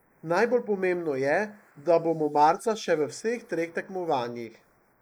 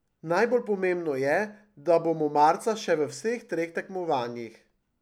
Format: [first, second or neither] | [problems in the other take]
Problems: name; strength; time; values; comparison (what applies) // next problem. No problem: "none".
second | noise reduction (neural mask model Resemble Enhance denoiser)